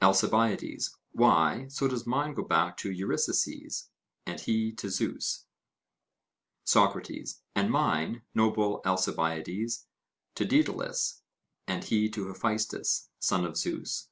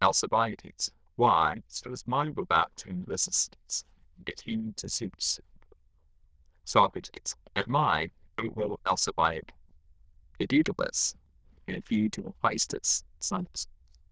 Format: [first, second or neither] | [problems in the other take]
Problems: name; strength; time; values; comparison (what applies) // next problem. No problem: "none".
first | noise reduction (neural diffusion model UNIVERSE++)